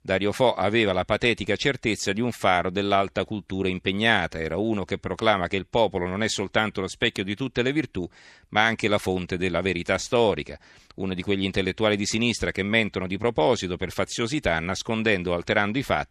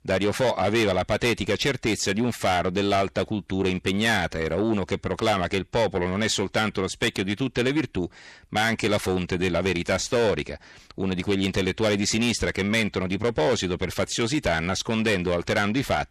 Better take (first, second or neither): first